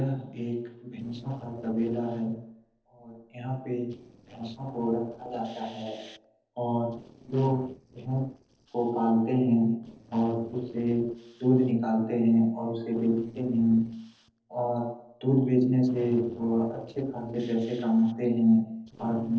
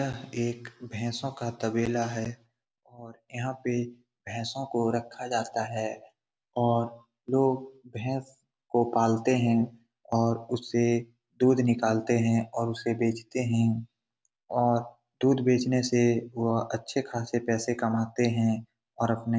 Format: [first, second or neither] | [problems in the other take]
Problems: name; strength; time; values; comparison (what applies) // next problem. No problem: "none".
second | noise reduction (neural separator model SepFormer DNS4)